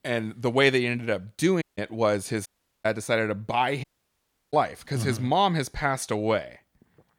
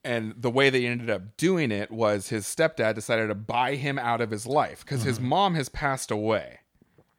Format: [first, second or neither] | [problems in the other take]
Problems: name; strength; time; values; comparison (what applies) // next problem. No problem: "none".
second | audio cutting out; at 1.5 s, at 2.5 s and at 4 s for 0.5 s